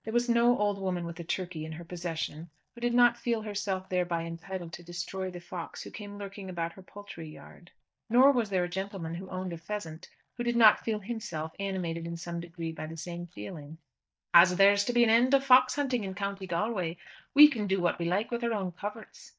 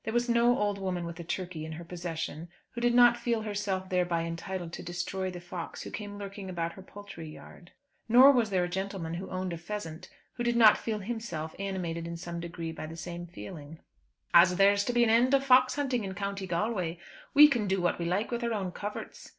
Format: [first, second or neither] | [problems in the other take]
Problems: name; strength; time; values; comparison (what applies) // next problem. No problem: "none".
second | noise reduction (neural mask model DeepFilterNet 3)